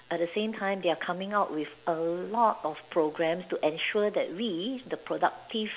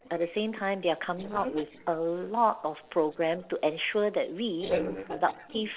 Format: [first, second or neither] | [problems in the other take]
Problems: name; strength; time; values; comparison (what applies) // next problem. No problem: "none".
first | noise reduction (neural separator model SepFormer DNS4)